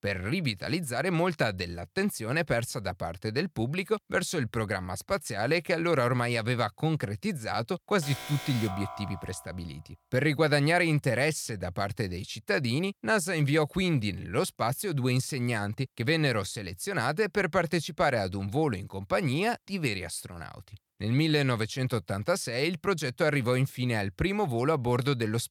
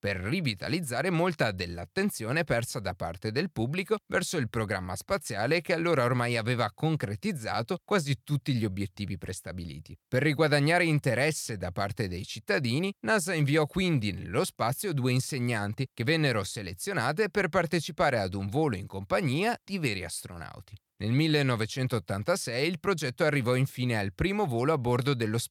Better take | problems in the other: second | alarm; noticeable; from 8 to 9.5 s; peak 9 dB below the speech

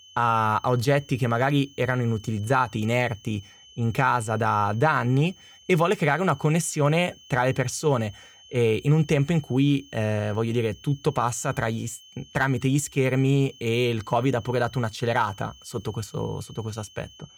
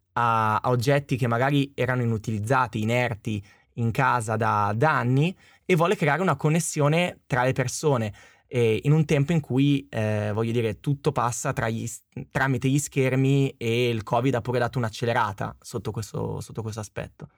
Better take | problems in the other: second | high-pitched whine; faint; throughout; 3 kHz, 25 dB below the speech

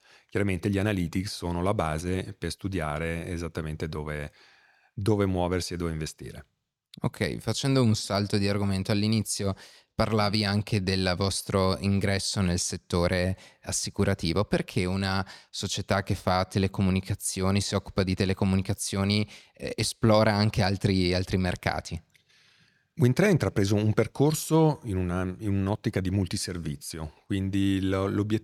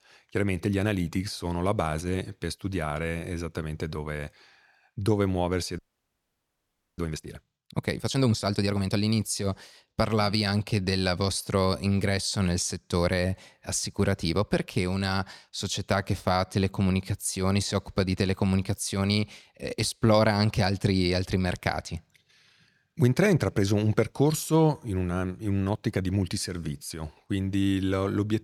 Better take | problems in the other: first | audio freezing; at 6 s for 1 s

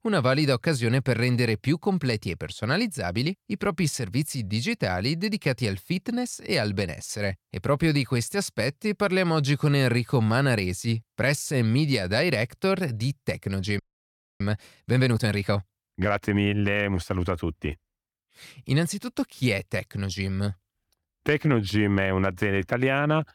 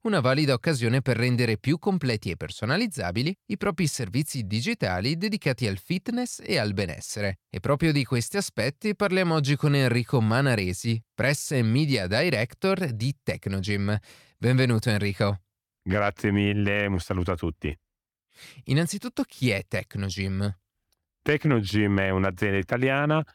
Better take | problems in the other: second | audio freezing; at 14 s for 0.5 s

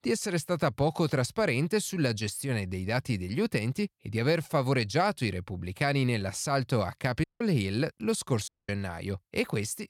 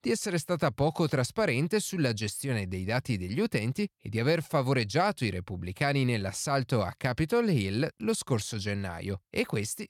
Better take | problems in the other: second | audio cutting out; at 7 s and at 8.5 s

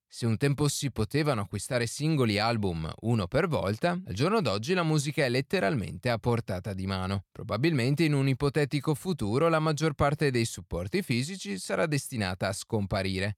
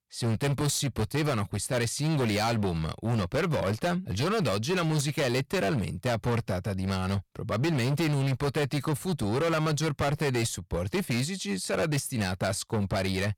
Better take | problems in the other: first | distortion; heavy; 21% of the sound clipped

